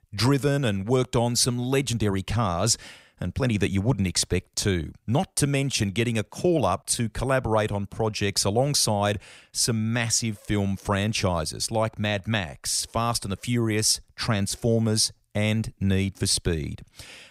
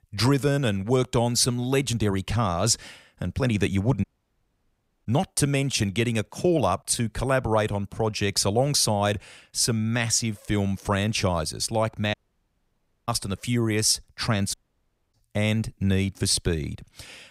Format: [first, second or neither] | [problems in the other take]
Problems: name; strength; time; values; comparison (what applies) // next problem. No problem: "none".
first | audio cutting out; at 4 s for 1 s, at 12 s for 1 s and at 15 s for 0.5 s